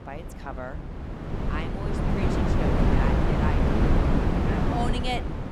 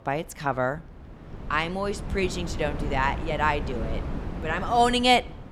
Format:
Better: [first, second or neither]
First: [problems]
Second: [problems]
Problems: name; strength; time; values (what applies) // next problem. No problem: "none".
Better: second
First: wind noise on the microphone; heavy; 5 dB above the speech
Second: wind noise on the microphone; occasional gusts; 15 dB below the speech